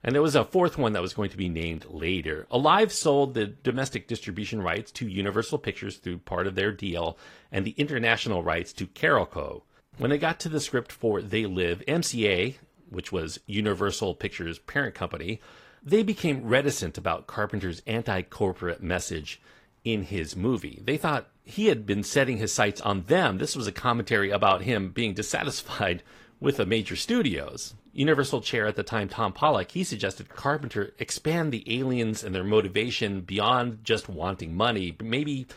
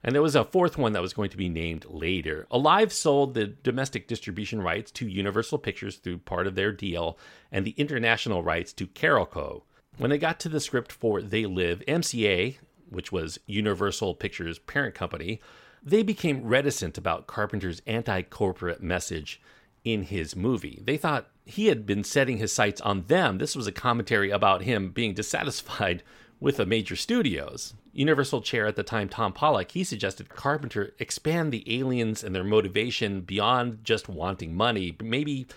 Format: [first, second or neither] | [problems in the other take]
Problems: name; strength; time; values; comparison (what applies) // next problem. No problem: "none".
second | garbled, watery; slightly; nothing above 15 kHz